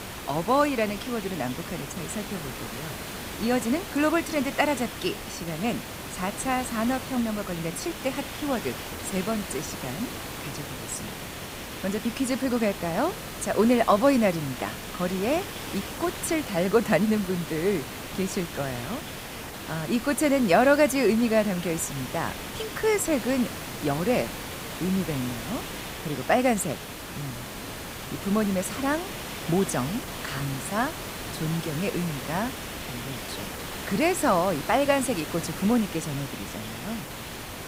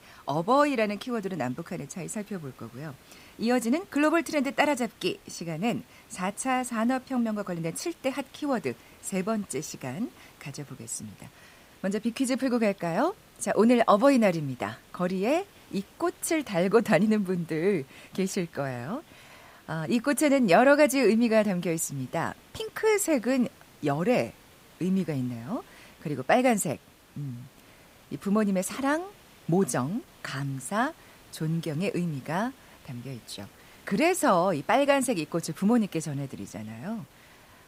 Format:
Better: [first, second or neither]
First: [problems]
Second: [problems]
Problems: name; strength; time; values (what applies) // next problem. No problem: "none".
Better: second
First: hiss; loud; throughout; 8 dB below the speech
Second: hiss; faint; throughout; 25 dB below the speech